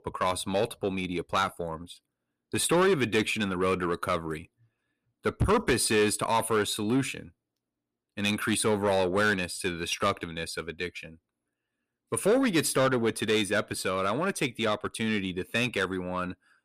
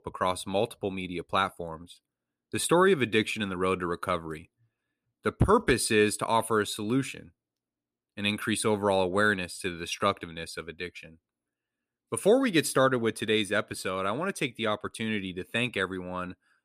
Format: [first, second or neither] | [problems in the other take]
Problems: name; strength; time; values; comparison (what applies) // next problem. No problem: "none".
second | distortion; slight; 10 dB below the speech